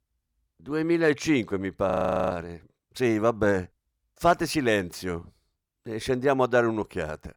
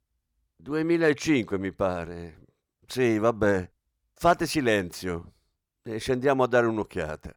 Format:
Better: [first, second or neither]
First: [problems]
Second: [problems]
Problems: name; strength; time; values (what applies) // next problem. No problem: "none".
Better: second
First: audio freezing; at 2 s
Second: none